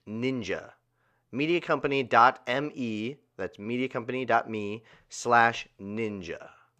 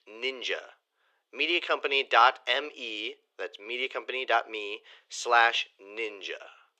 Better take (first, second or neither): first